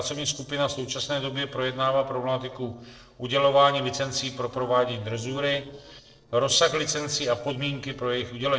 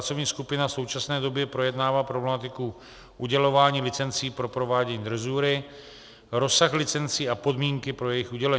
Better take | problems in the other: second | noise reduction (neural separator model SepFormer DNS4)

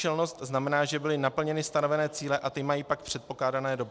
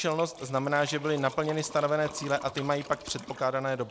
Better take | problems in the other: first | background sound (Liquid); 17 dB below the speech

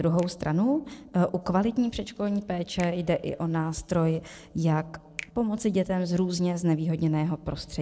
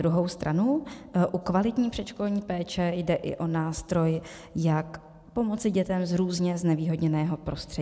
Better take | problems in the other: second | noise reduction (neural separator model SepFormer DNS4)

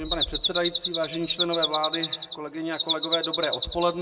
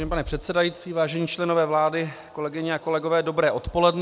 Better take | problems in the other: second | background sound (Bird vocalization, bird call, bird song); 1 dB above the speech // room echo; dies away in 1 s

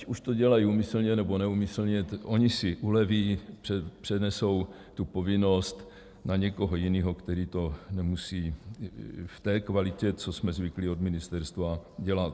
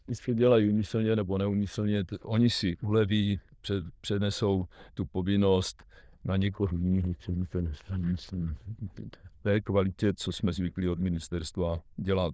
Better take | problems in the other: first | noise reduction (neural diffusion model UNIVERSE++)

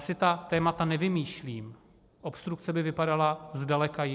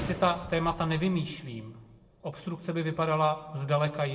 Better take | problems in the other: first | background sound (Gunshot, gunfire); 16 dB below the speech // room echo; dies away in 0.7 s

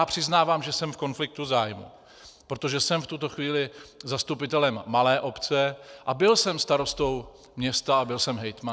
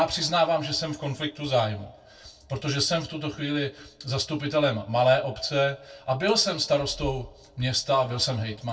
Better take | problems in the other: first | room echo; dies away in 0.1 s

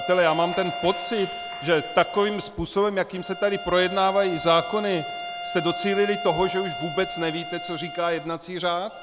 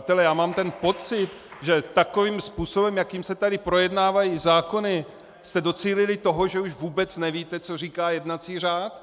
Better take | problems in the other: second | background sound (Bowed string instrument); 10 dB below the speech

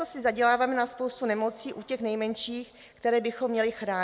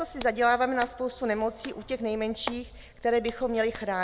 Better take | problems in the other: first | background sound (Hands); 16 dB below the speech

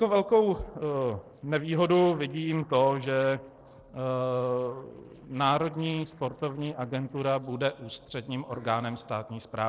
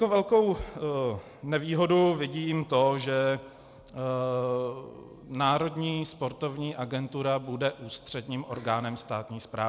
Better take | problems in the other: second | noise reduction (neural separator model SepFormer DNS4)

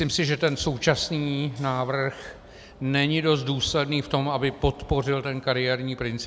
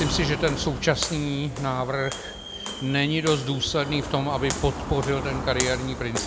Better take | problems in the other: first | background sound (Walk, footsteps); 7 dB below the speech

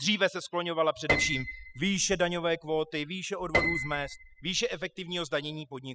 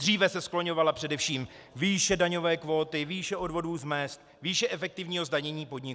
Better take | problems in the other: second | noise reduction (classical method spectral subtraction)

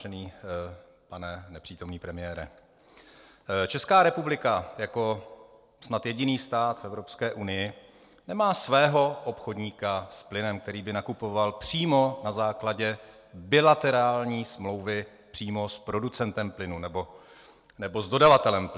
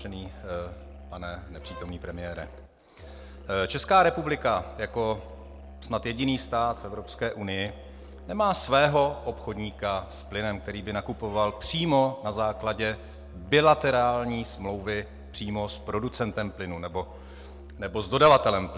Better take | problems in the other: first | background sound (Musical instrument + Bowed string instrument); 16 dB below the speech

